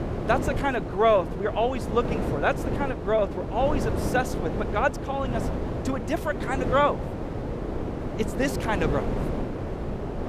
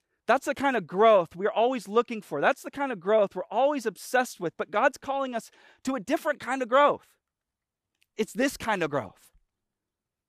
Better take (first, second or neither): second